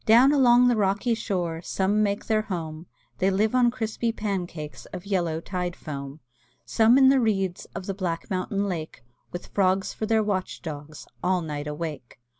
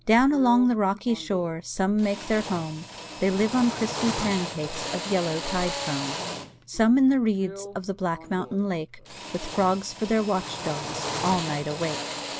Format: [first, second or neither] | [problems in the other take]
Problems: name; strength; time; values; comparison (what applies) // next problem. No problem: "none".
first | background sound (Drill); 9 dB below the speech